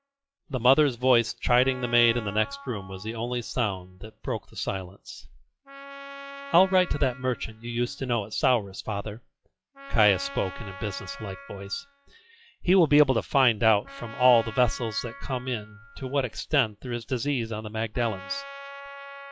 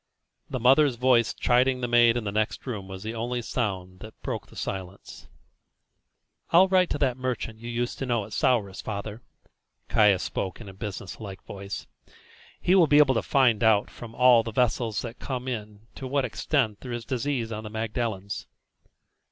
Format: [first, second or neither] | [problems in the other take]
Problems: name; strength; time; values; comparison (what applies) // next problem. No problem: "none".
second | noise reduction (classical method log-MMSE)